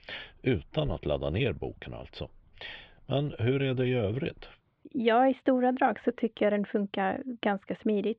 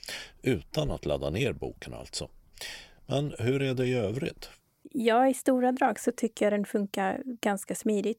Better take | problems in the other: second | muffled; very; fading above 3.5 kHz

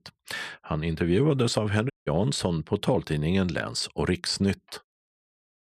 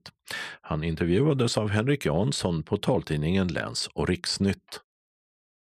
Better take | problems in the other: second | audio cutting out; at 2 s

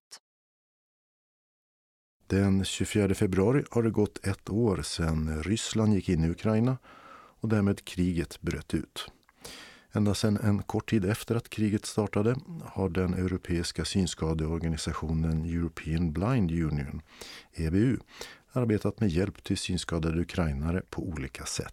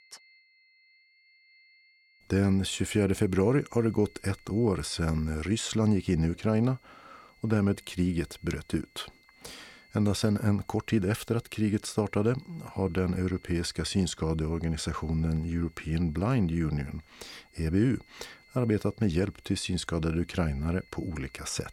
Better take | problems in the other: first | high-pitched whine; faint; throughout; 2 kHz, 30 dB below the speech

